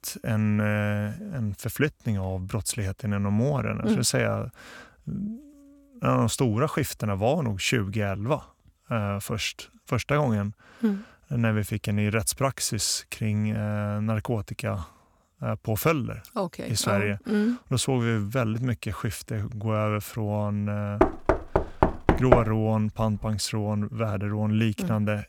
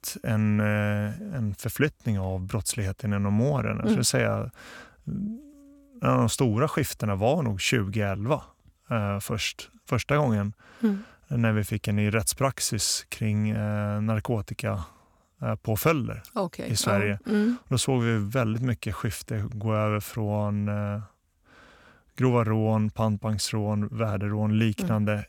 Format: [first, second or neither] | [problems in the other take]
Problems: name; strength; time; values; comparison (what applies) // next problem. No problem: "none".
second | door banging; loud; from 21 to 22 s; peak 5 dB above the speech